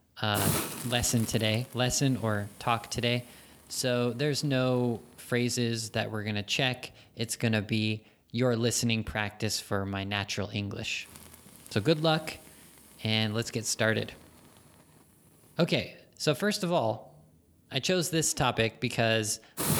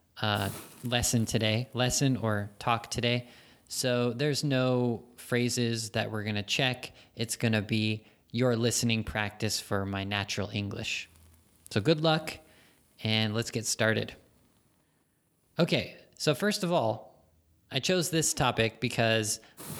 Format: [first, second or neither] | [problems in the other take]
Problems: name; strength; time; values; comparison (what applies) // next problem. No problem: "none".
second | hiss; loud; until 7.5 s and from 11 s on; 8 dB below the speech; faint in the second